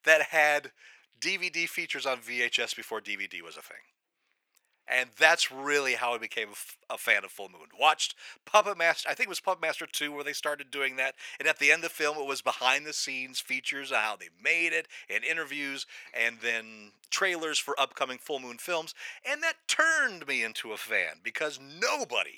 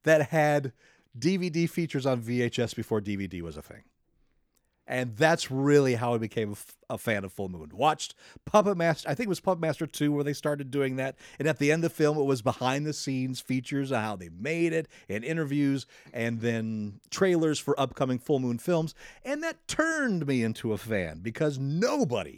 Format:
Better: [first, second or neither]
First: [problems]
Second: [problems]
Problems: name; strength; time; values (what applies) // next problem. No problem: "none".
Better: second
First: thin; very; fading below 850 Hz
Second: none